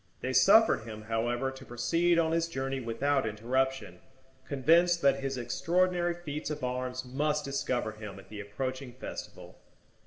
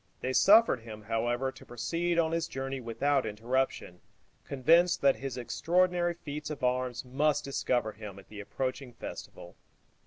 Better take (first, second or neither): second